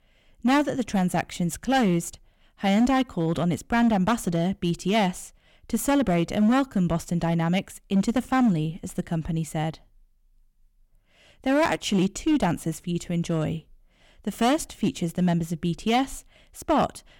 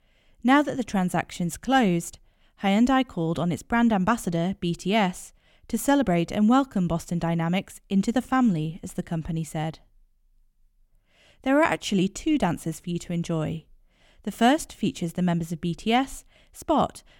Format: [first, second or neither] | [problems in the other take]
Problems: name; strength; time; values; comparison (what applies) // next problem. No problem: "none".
second | distortion; slight; 5% of the sound clipped